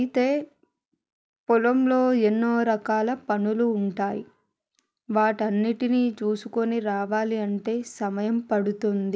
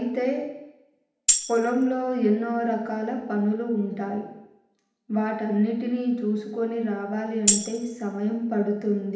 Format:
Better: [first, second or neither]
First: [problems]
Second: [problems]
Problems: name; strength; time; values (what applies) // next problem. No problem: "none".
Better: first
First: none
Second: background sound (Tambourine); 1 dB above the speech // room echo; dies away in 0.8 s